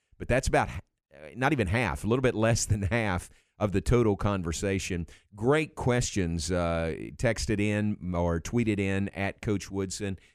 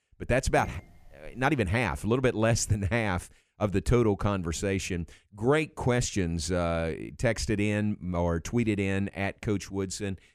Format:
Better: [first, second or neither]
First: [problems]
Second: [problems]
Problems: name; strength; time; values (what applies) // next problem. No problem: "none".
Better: first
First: none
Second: clattering dishes; faint; at 0.5 s; peak 15 dB below the speech